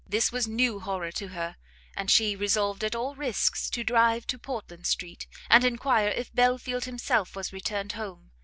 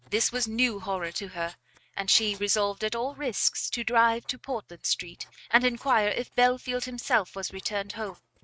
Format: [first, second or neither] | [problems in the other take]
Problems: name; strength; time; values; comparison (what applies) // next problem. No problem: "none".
first | noise reduction (neural mask model RNNoise)